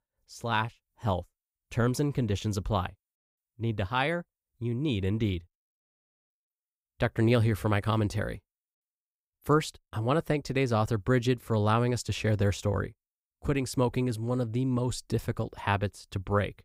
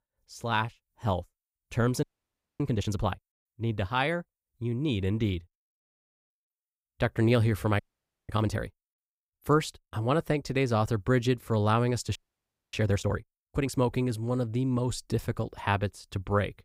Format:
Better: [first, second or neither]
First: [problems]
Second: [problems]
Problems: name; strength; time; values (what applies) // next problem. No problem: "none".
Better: first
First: none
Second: audio freezing; at 2 s for 0.5 s, at 8 s and at 12 s for 0.5 s